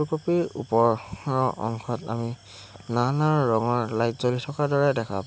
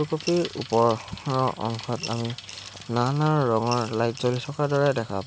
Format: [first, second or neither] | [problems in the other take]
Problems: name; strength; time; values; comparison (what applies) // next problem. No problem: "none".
first | background sound (Coin (dropping) / Glass + Bicycle); 16 dB below the speech